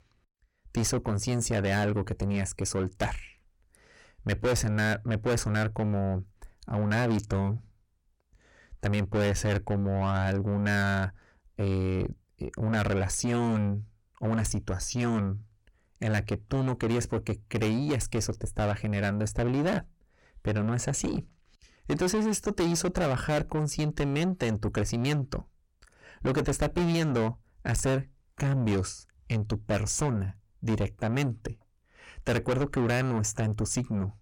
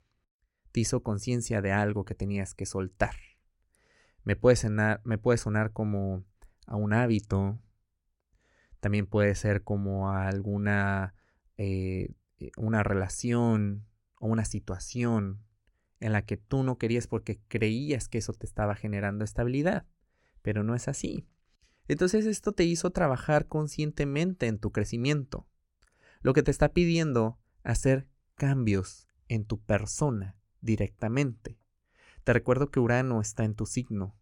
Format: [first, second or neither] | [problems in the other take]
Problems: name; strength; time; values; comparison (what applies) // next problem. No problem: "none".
second | distortion; heavy; 6 dB below the speech